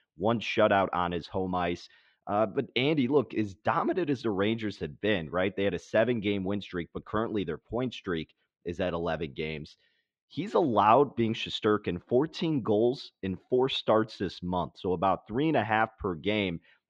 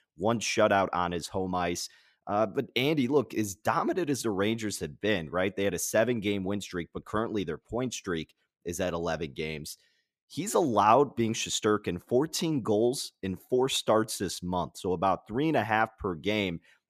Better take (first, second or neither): second